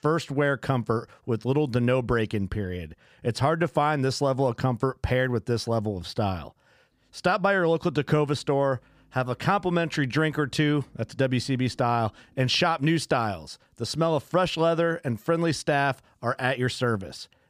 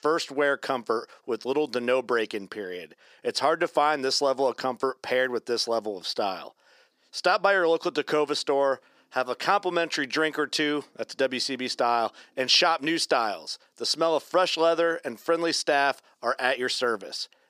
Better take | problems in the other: first | thin; somewhat; fading below 350 Hz

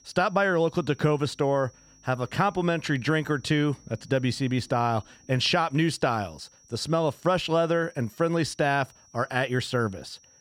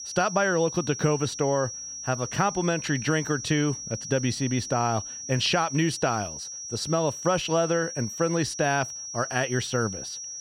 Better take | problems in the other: first | high-pitched whine; loud; throughout; 5.5 kHz, 8 dB below the speech; faint in the first

